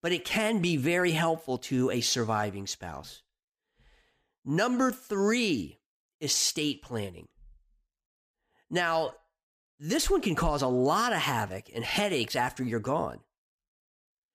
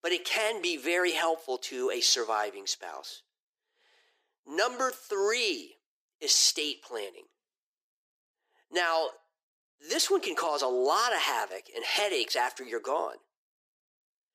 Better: first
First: none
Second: thin; very; fading below 350 Hz

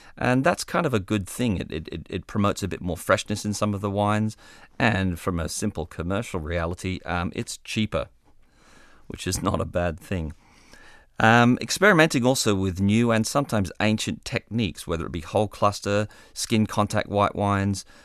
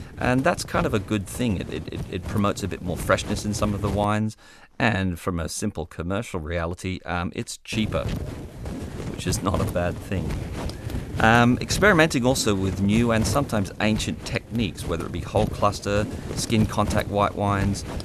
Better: first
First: none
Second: wind noise on the microphone; occasional gusts; until 4 s and from 7.5 s on; 15 dB below the speech

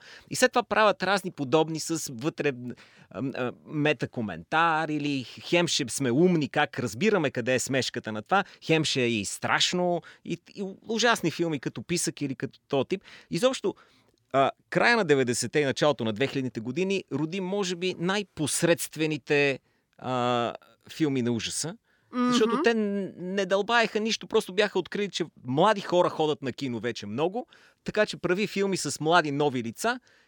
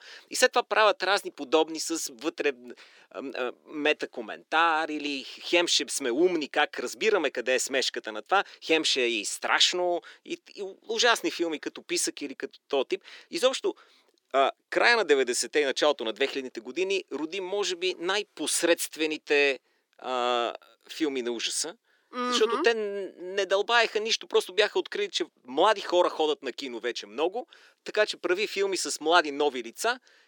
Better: first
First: none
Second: thin; somewhat; fading below 350 Hz

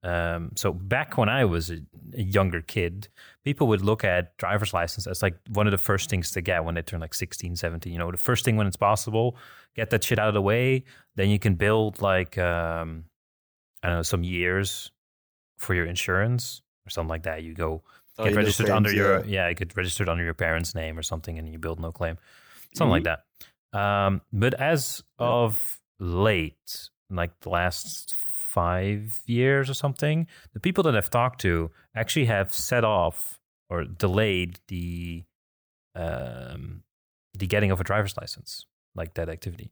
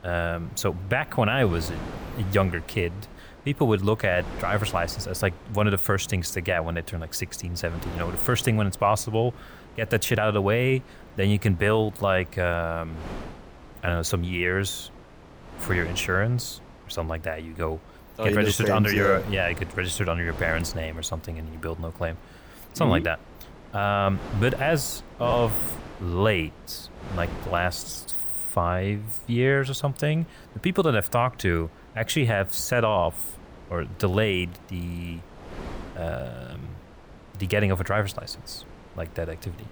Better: first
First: none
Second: wind noise on the microphone; occasional gusts; 20 dB below the speech

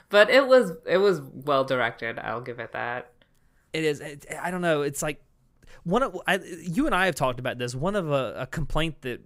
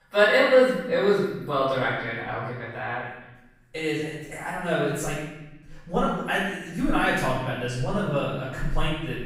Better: first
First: none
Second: off-mic speech; far // room echo; strong; dies away in 1 s

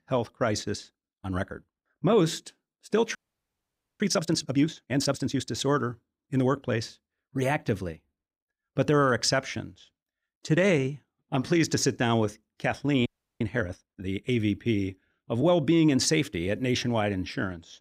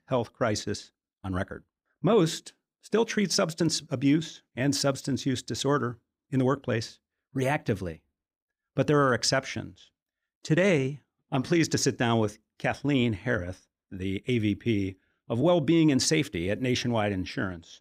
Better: second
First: audio freezing; at 3 s for 1 s and at 13 s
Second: none

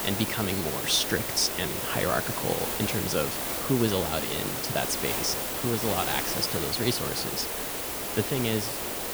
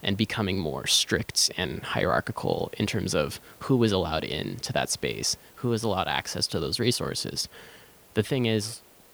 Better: second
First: hiss; loud; throughout; as loud as the speech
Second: hiss; faint; throughout; 25 dB below the speech

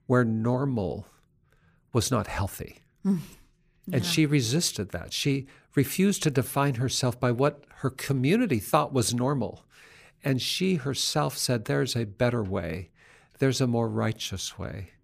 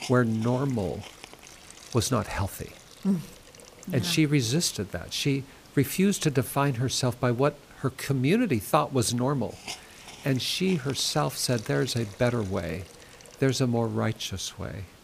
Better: first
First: none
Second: hiss; noticeable; throughout; 20 dB below the speech

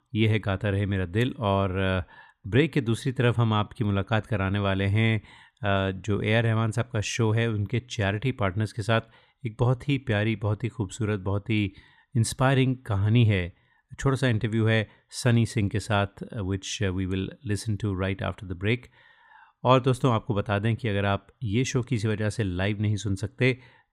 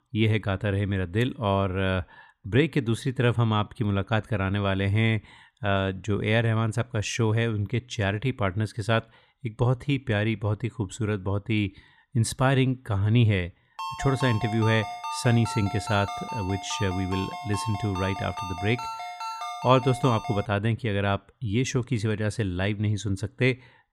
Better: first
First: none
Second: phone ringing; noticeable; from 14 to 20 s; peak 7 dB below the speech

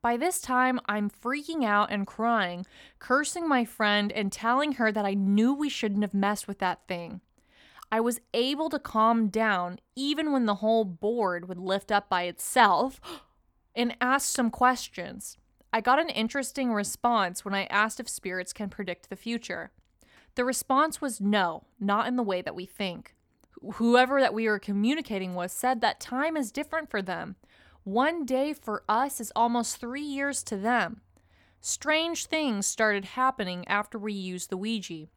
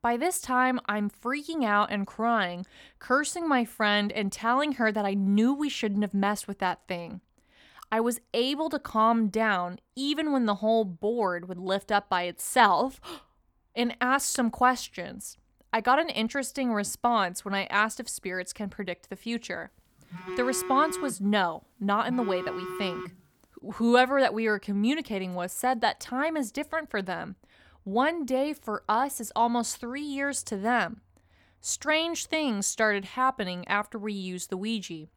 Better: first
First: none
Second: phone ringing; noticeable; from 20 to 23 s; peak 7 dB below the speech

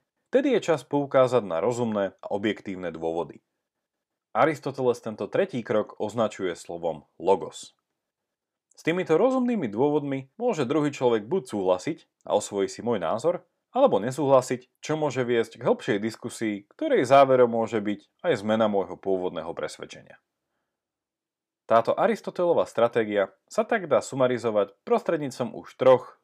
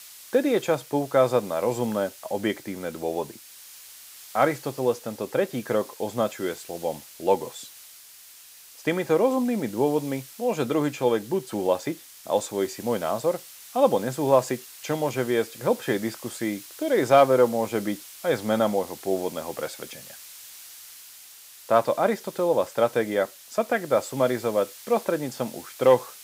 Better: first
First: none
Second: hiss; noticeable; throughout; 15 dB below the speech

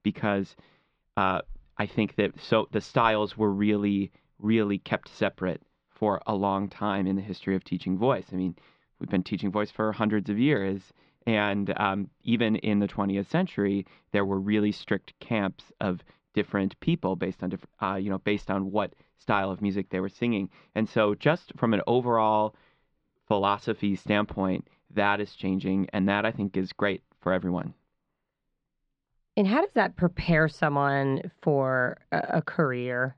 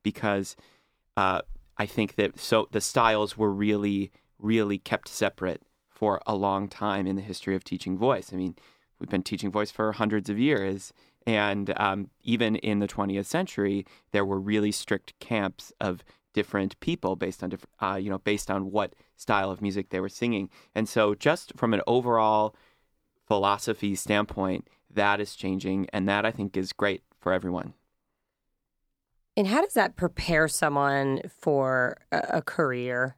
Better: second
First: muffled; slightly; fading above 4 kHz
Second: none

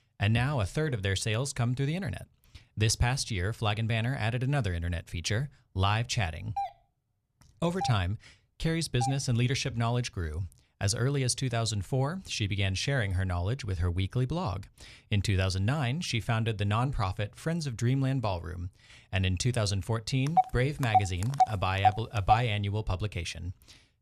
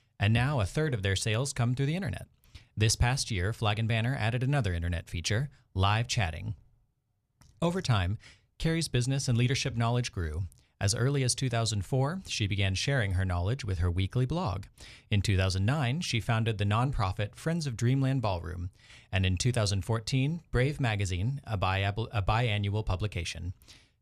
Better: second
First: doorbell; noticeable; from 6.5 to 9 s; peak 6 dB below the speech // phone ringing; loud; from 20 to 22 s; peak 2 dB above the speech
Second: none

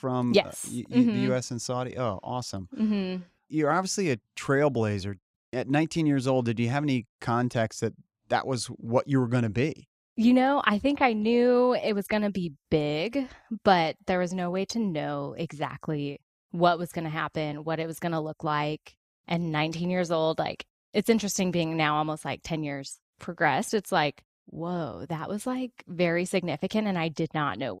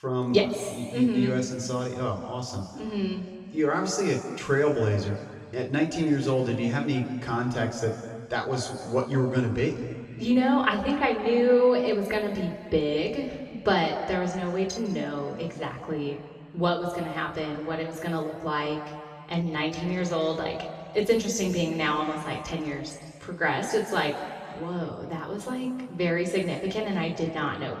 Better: first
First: none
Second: room echo; noticeable; dies away in 1.9 s // off-mic speech; far

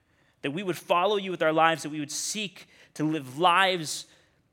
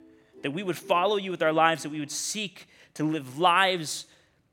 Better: first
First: none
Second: background music; faint; until 2 s; 25 dB below the speech

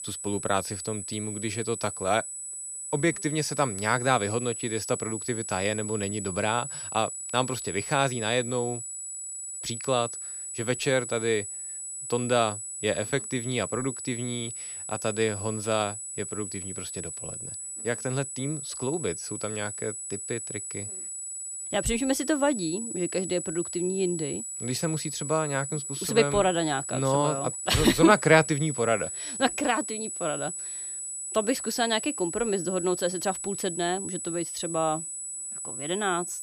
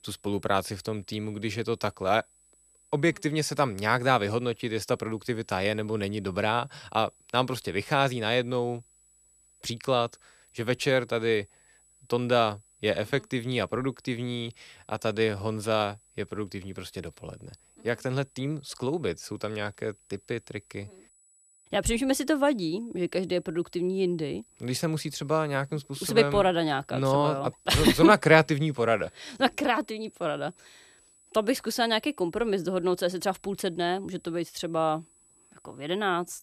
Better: second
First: high-pitched whine; loud; throughout; 8 kHz, 5 dB below the speech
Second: high-pitched whine; faint; throughout; 8 kHz, 30 dB below the speech

